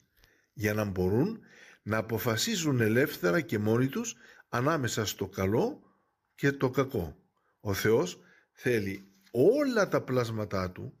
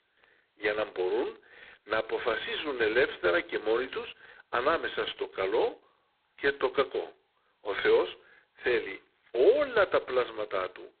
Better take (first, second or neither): first